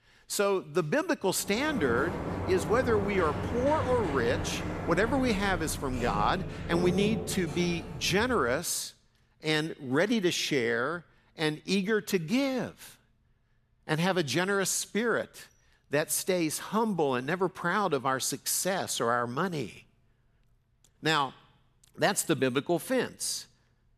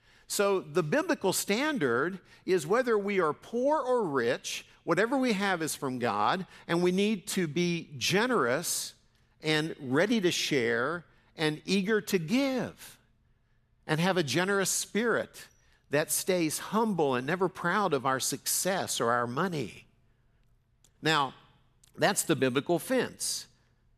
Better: second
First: door banging; noticeable; from 1.5 to 8.5 s; peak 3 dB below the speech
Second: none

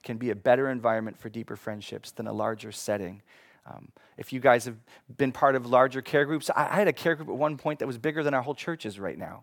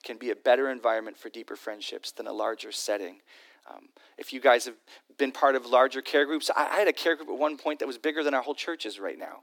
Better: first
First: none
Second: thin; very slightly; fading below 300 Hz

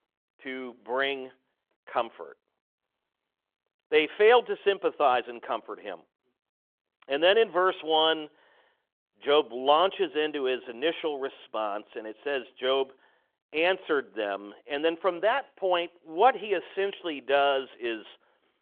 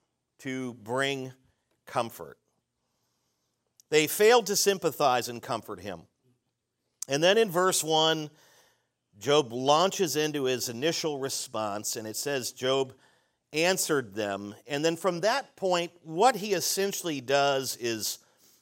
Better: second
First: phone-call audio; nothing above 3.5 kHz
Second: none

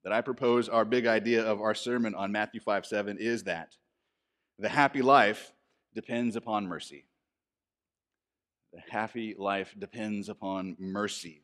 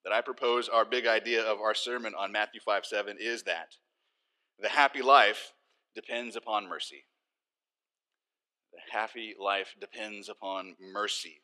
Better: first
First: none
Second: thin; very; fading below 400 Hz

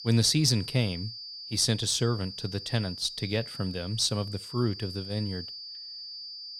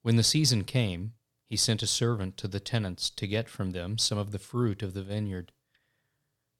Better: second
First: high-pitched whine; noticeable; throughout; 4.5 kHz, 10 dB below the speech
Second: none

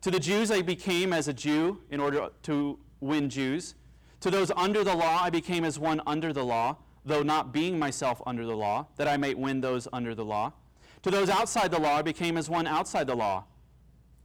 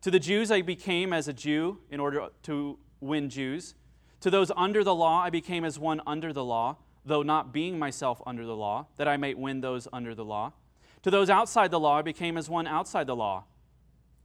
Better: second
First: distortion; heavy; 13% of the sound clipped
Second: none

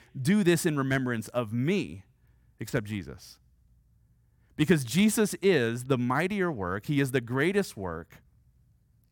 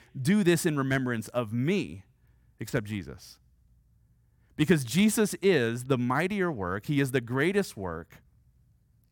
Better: neither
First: none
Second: none

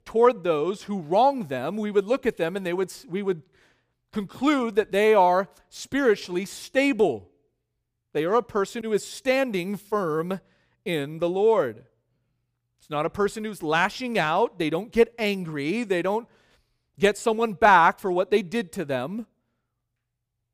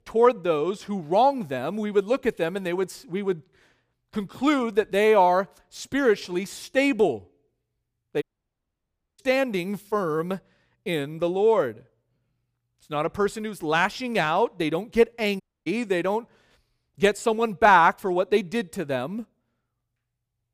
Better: first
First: none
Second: audio cutting out; at 8 s for 1 s and at 15 s

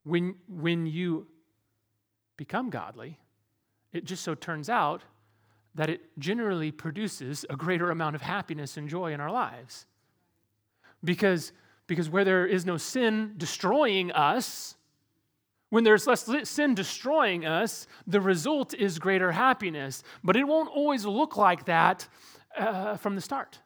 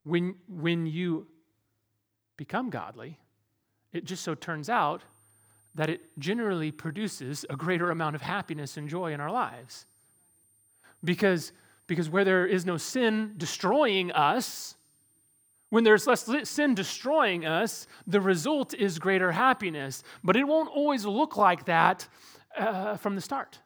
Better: first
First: none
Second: high-pitched whine; faint; from 5 to 20 s; 9 kHz, 35 dB below the speech

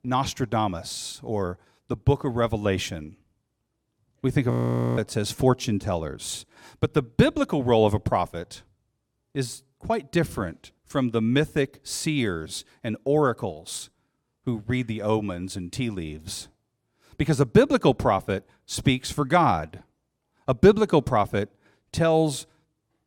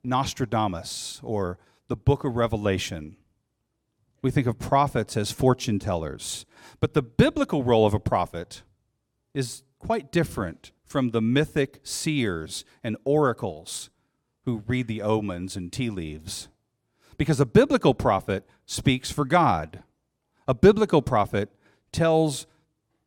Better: second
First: audio freezing; at 4.5 s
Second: none

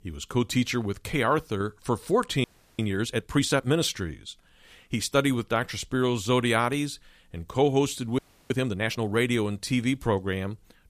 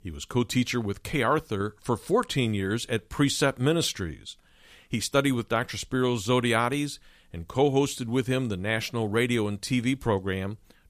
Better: second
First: audio freezing; at 2.5 s and at 8 s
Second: none

